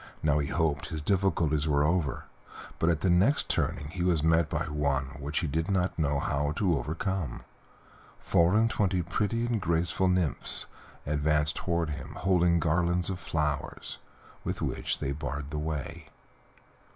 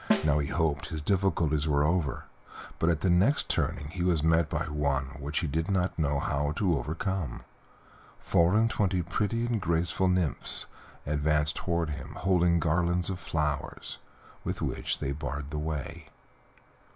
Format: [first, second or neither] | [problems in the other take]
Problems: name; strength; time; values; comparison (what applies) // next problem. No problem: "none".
first | background sound (Snare drum); 6 dB below the speech